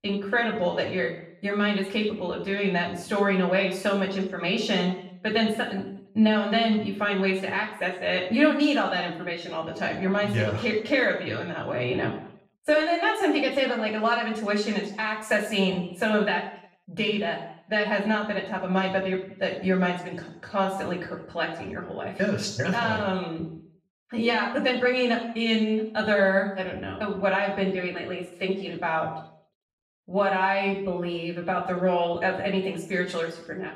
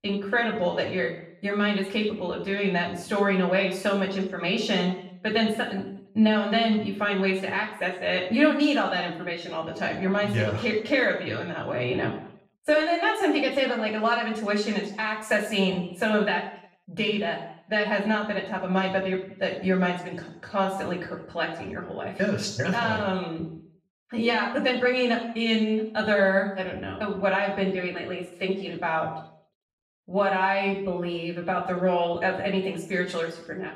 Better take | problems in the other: neither | room echo; noticeable; dies away in 0.6 s; the same in both // off-mic speech; far; the same in both

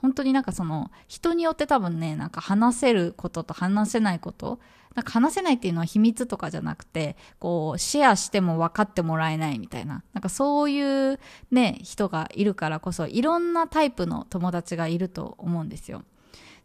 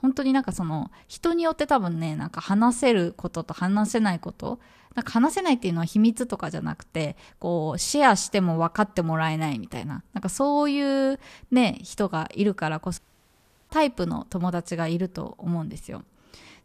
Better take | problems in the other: first | audio cutting out; at 13 s for 0.5 s

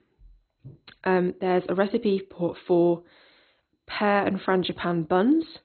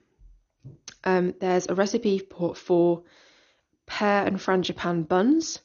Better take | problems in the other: second | garbled, watery; badly; nothing above 4 kHz; slightly in the second

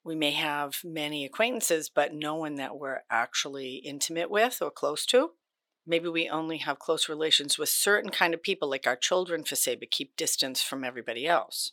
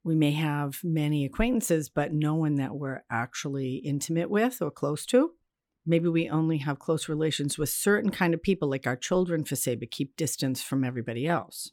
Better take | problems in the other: second | thin; very; fading below 550 Hz

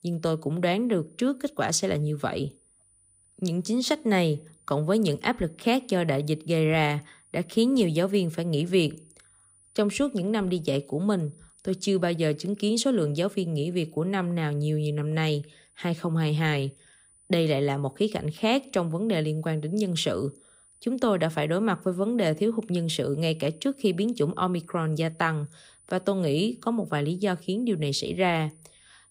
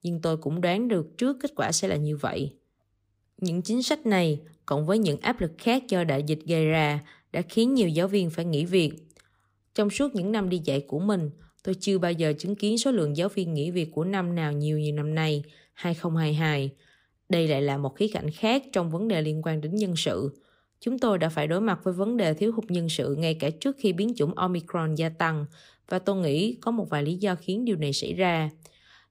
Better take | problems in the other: second | high-pitched whine; faint; throughout; 9.5 kHz, 30 dB below the speech

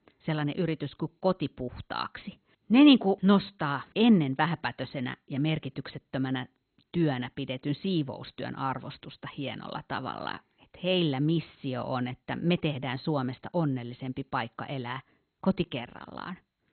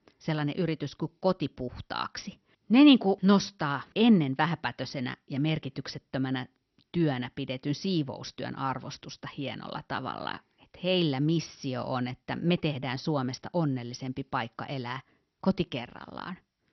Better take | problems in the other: second | garbled, watery; badly; nothing above 4 kHz; slightly in the second

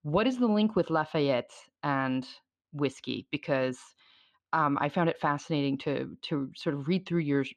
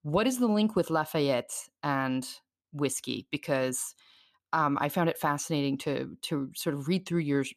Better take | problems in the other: second | muffled; very slightly; fading above 4 kHz

